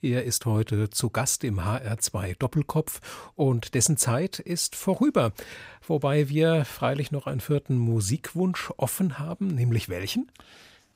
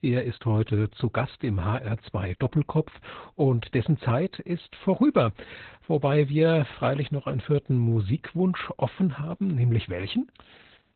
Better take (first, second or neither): first